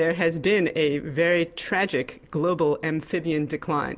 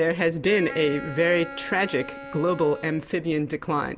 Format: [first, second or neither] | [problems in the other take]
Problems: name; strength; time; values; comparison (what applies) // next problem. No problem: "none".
first | background sound (Wind instrument, woodwind instrument); 14 dB below the speech